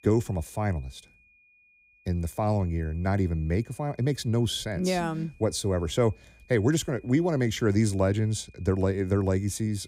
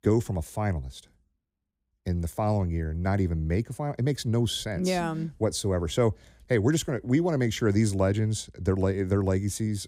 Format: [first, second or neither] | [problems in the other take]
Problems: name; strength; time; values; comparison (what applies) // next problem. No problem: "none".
second | high-pitched whine; faint; throughout; 2.5 kHz, 30 dB below the speech